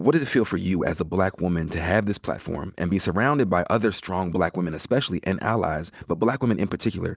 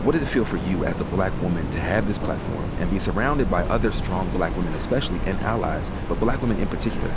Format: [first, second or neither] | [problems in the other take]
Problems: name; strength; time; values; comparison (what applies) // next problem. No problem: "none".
first | background sound (Train); 1 dB below the speech